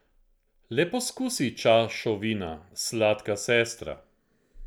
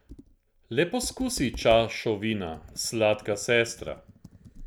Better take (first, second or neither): first